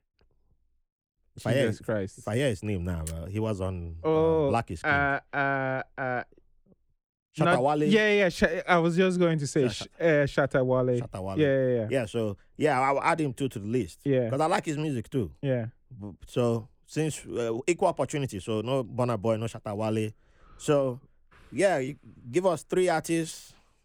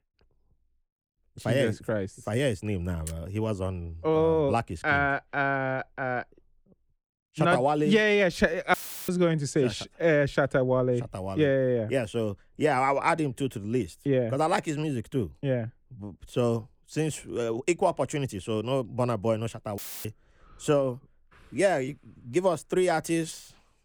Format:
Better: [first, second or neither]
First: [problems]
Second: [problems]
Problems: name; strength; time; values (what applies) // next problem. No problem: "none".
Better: first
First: none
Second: audio cutting out; filled with static; at 8.5 s and at 20 s